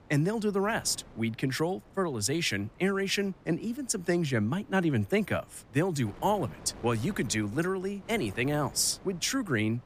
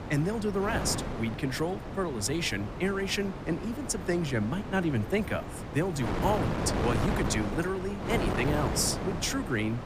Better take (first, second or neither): first